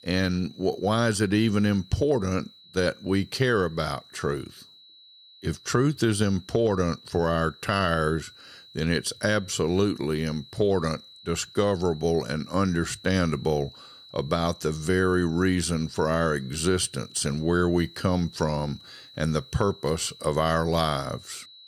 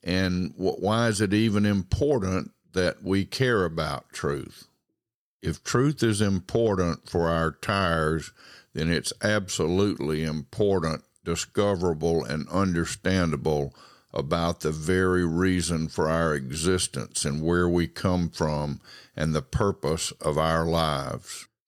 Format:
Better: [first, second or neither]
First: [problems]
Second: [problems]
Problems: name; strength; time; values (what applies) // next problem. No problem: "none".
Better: second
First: high-pitched whine; faint; throughout; 4 kHz, 20 dB below the speech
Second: none